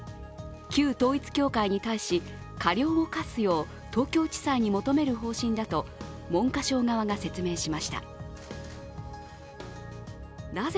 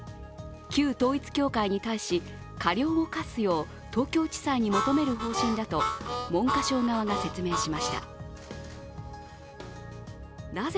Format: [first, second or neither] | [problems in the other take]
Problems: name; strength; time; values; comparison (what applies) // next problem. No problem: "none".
first | background sound (Harmonica); 3 dB below the speech